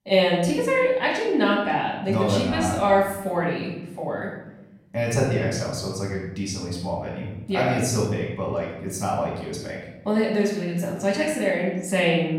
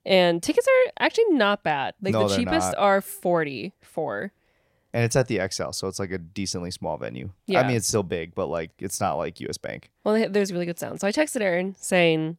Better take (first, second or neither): second